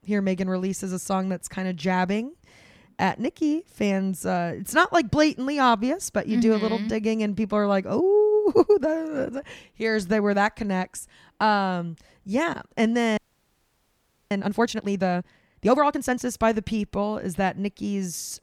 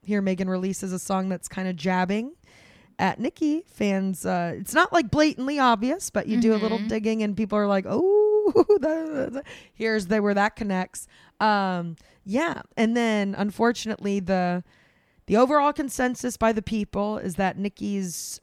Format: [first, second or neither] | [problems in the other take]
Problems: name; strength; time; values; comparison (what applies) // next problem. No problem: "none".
second | audio freezing; at 13 s for 1 s